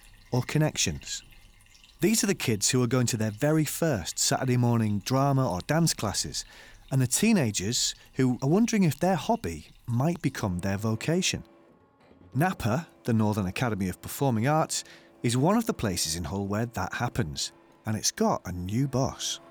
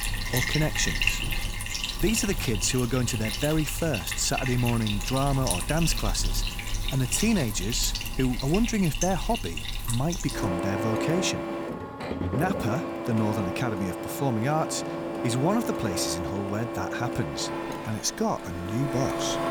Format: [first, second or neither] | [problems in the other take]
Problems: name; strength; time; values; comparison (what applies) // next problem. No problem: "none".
first | household noises; loud; throughout; 3 dB below the speech; faint in the first